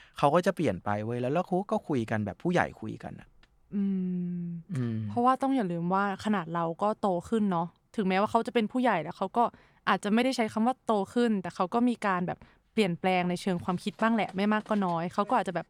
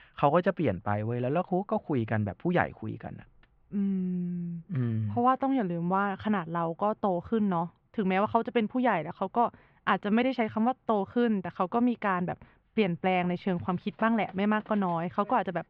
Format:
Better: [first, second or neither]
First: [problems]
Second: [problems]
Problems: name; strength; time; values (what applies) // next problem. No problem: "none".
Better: first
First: none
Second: muffled; very; fading above 3 kHz